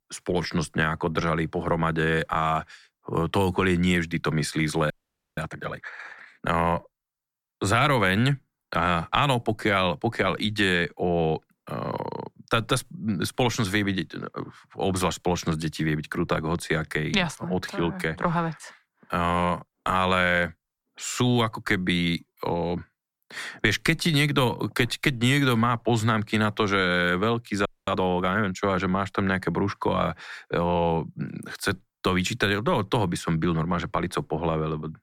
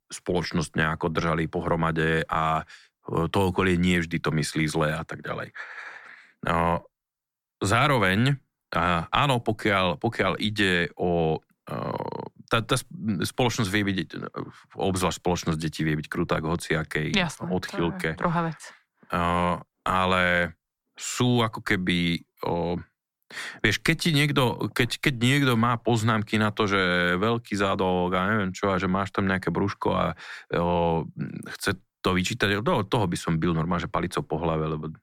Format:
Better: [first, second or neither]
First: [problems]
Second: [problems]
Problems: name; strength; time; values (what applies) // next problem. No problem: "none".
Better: second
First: audio freezing; at 5 s and at 28 s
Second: none